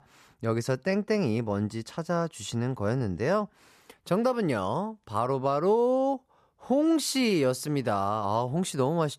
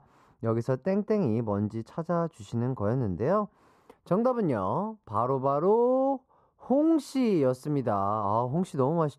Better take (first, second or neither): first